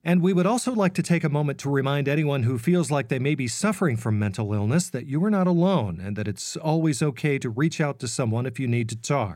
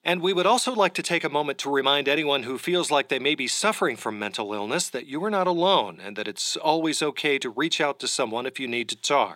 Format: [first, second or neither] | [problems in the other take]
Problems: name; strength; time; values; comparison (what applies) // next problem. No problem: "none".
first | thin; very; fading below 300 Hz